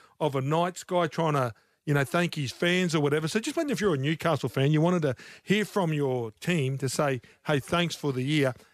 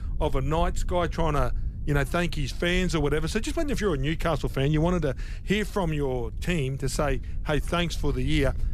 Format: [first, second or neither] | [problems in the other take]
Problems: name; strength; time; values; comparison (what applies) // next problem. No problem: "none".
first | low rumble; faint; throughout; 25 dB below the speech